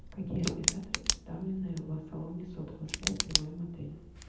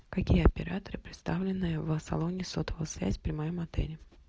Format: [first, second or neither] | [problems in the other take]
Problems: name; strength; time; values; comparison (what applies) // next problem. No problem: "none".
second | background sound (Tick); 1 dB above the speech // room echo; dies away in 0.8 s